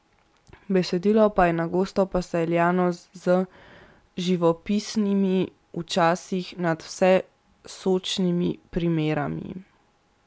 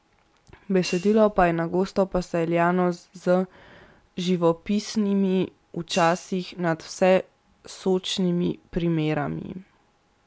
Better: first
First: none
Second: background sound (Hi-hat); 20 dB below the speech

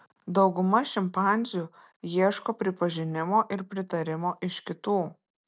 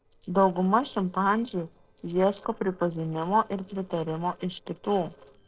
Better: first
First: none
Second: noise reduction (neural separator model SepFormer DNS4)

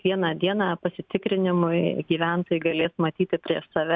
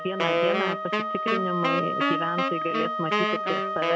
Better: first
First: none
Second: background sound (Wind instrument, woodwind instrument + Wind instrument, woodwind instrument); 5 dB above the speech

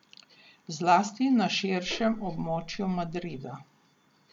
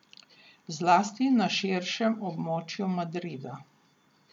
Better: second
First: background sound (Gong); 14 dB below the speech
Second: none

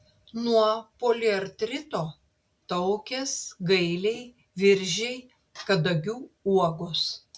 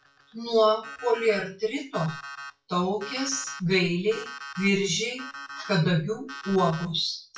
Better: first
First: none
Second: noise reduction (classical method WPE with log-MMSE)

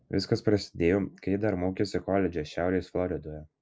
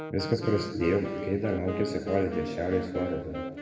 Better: first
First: none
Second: background sound (Wind instrument, woodwind instrument); 7 dB below the speech // room echo; dies away in 2 s

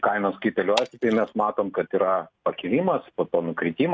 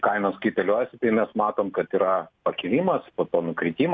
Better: second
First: noise reduction (neural mask model RNNoise)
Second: none

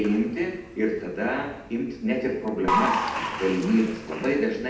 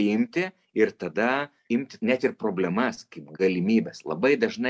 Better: second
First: background sound (Applause / Crowd); 6 dB below the speech // room echo; dies away in 0.8 s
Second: none

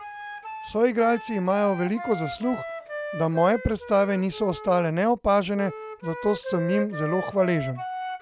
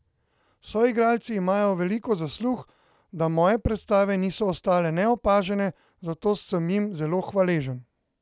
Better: second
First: background sound (Wind instrument, woodwind instrument); 10 dB below the speech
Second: none

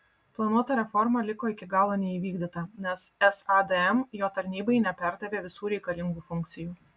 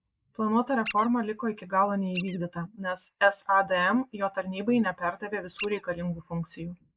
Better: first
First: none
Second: noise reduction (neural mask model Resemble Enhance denoiser)

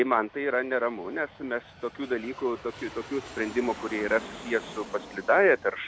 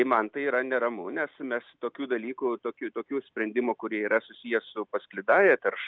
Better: second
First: background sound (Aircraft); 16 dB below the speech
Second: none

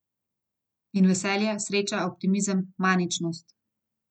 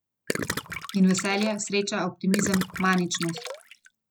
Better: first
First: none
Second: background sound (Gurgling); 8 dB below the speech

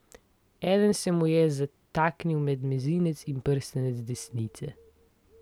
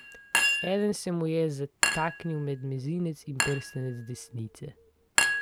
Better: first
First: none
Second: background sound (Chink, clink); as loud as the speech

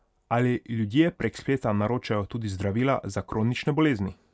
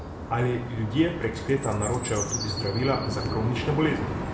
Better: first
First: none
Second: background sound (Chirp, tweet); 5 dB below the speech // room echo; dies away in 0.7 s

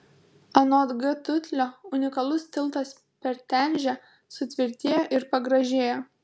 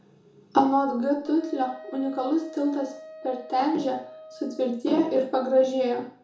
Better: first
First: none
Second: background sound (Wind instrument, woodwind instrument); 20 dB below the speech // room echo; dies away in 0.7 s

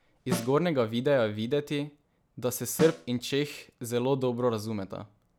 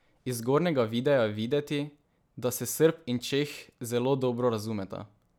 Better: second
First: background sound (Snare drum); 12 dB below the speech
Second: none

